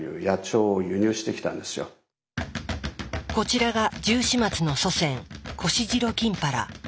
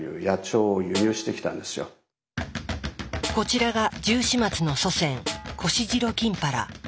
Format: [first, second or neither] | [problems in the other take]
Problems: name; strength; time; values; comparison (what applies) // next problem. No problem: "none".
first | background sound (Snare drum); 13 dB below the speech